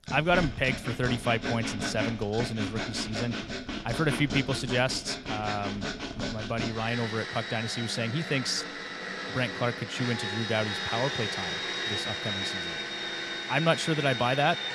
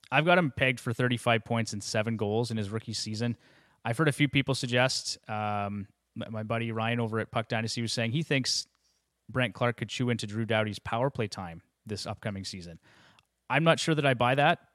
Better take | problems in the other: second | machinery noise; loud; throughout; 3 dB below the speech

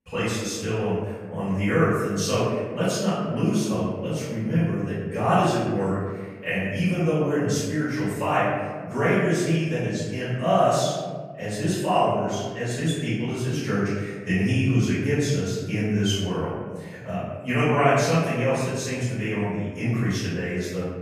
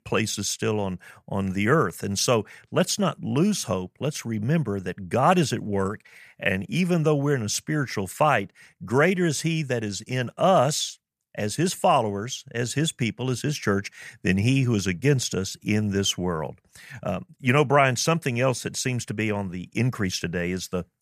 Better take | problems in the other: second | off-mic speech; far // room echo; strong; dies away in 1.5 s

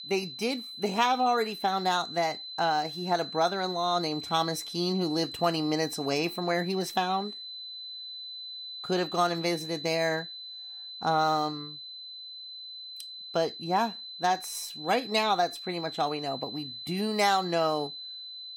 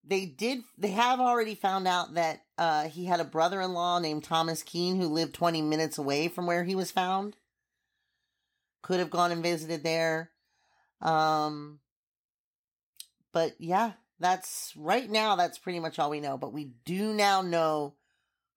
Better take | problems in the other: second | high-pitched whine; loud; throughout; 4 kHz, 9 dB below the speech

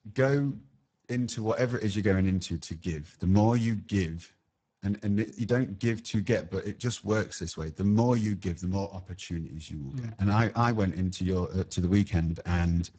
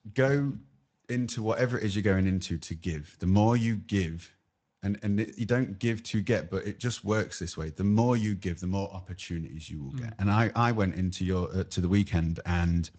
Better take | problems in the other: second | garbled, watery; badly; nothing above 8 kHz; slightly in the second

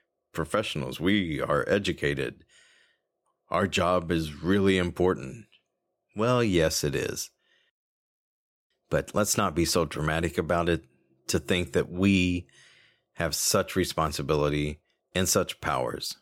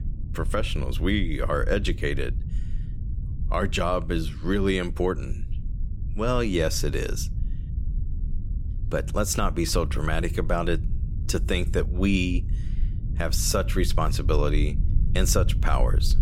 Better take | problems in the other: first | low rumble; noticeable; throughout; 20 dB below the speech

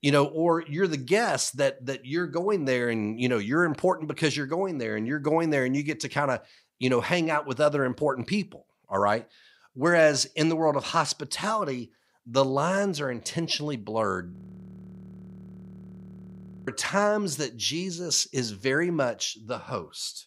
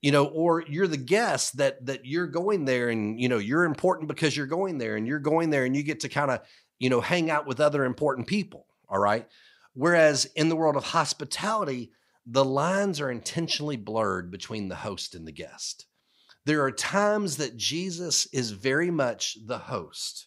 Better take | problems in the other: second | audio freezing; at 14 s for 2.5 s

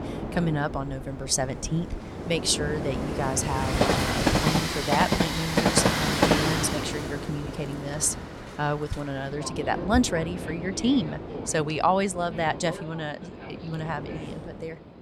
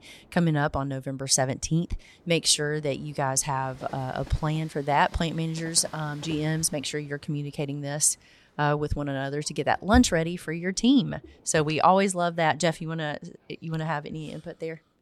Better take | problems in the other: second | train or aircraft noise; loud; throughout; 1 dB below the speech; faint in the second

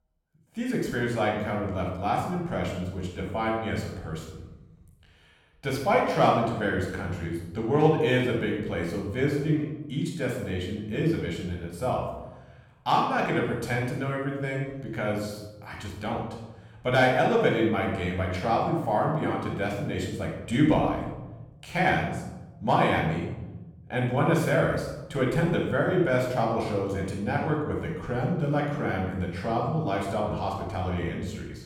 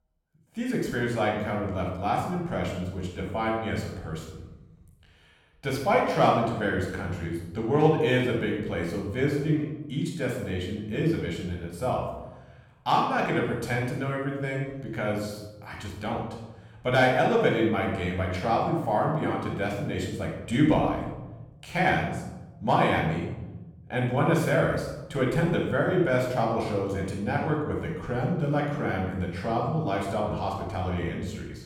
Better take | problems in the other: neither | off-mic speech; far; the same in both // room echo; noticeable; dies away in 0.9 s; the same in both

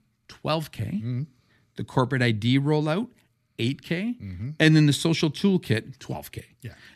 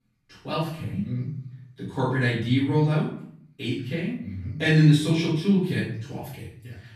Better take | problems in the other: first | room echo; noticeable; dies away in 0.6 s // off-mic speech; far

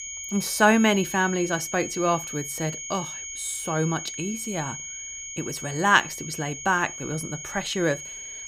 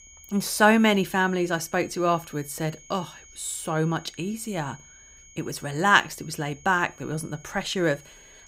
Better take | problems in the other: second | high-pitched whine; loud; throughout; 6.5 kHz, 8 dB below the speech; faint in the second

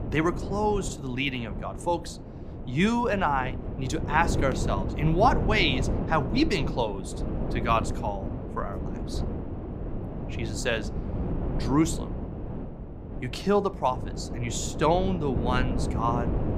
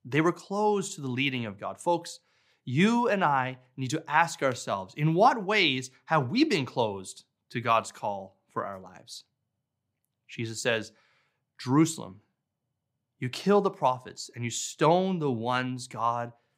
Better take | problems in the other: second | wind noise on the microphone; occasional gusts; 10 dB below the speech

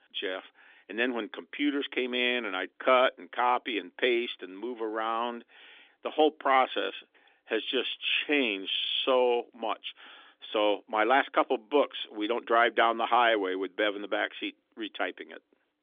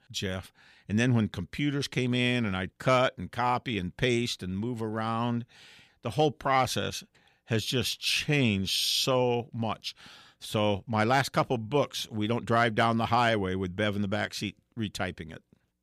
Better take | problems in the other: second | phone-call audio; nothing above 3.5 kHz

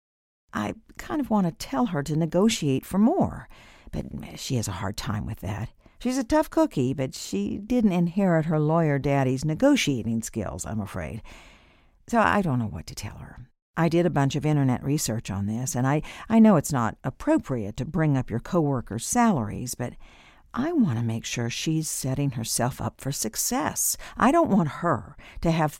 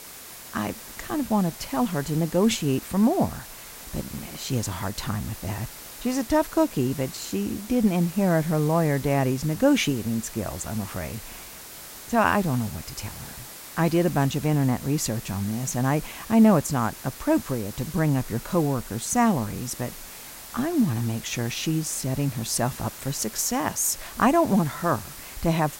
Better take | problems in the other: first | hiss; noticeable; throughout; 15 dB below the speech

